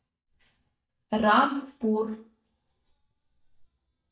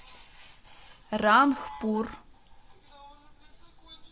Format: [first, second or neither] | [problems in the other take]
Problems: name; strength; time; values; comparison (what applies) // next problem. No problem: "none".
second | noise reduction (neural mask model DeepFilterNet 3)